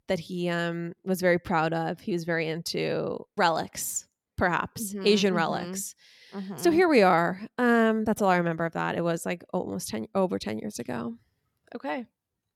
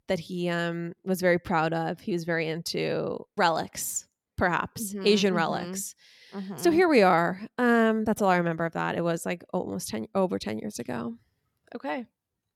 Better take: neither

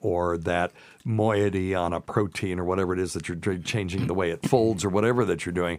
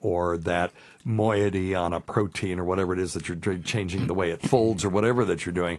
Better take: first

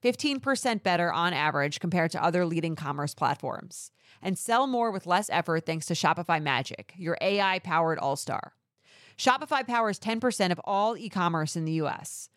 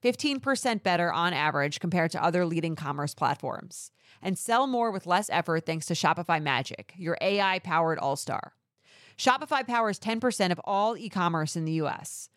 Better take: neither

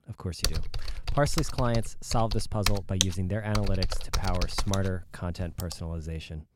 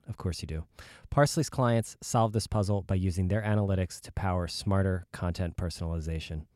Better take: second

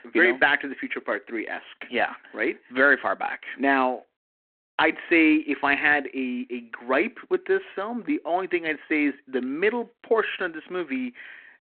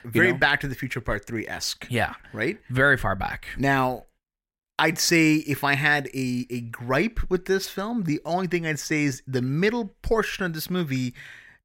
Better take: second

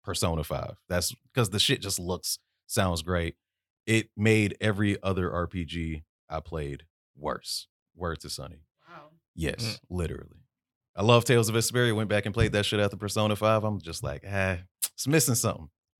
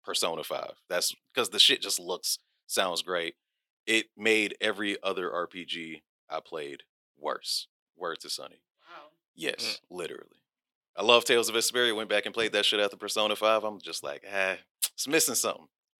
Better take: first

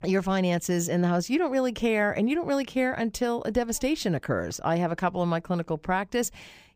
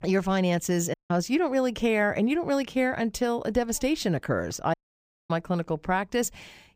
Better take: first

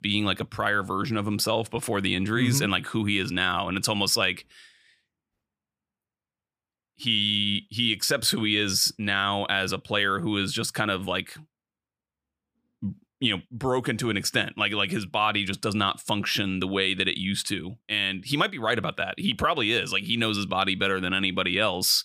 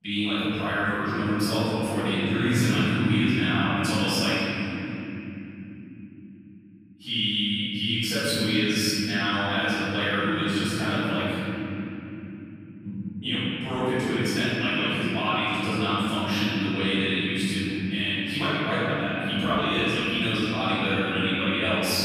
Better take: first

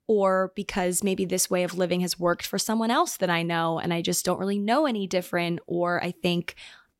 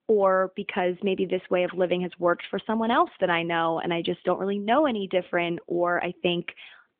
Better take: first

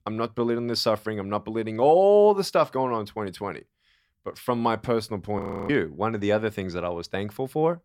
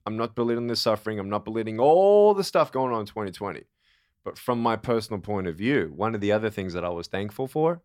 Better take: second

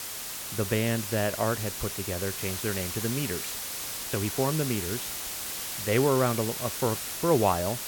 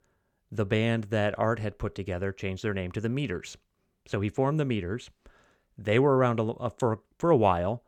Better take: second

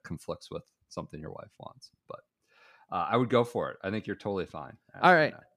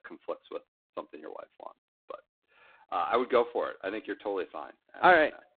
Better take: first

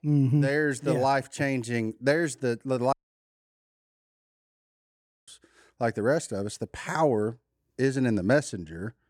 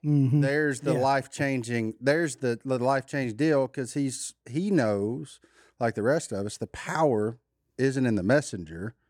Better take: second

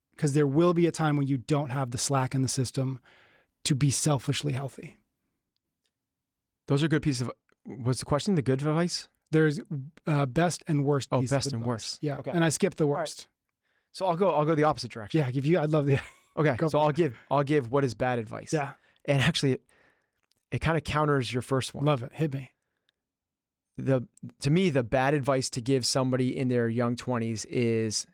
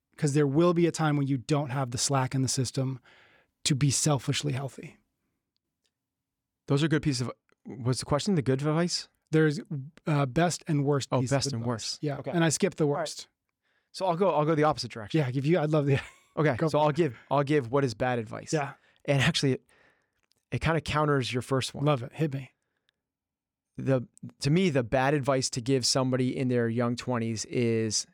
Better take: second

